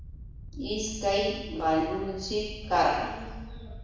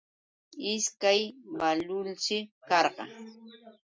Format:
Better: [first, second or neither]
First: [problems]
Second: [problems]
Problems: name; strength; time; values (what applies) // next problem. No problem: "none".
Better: second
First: background sound (Wind); 12 dB below the speech // room echo; dies away in 1.1 s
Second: none